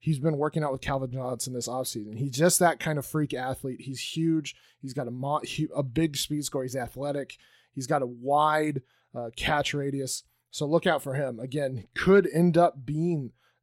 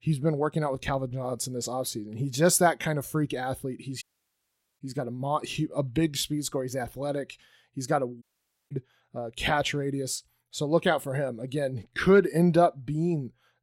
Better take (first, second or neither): first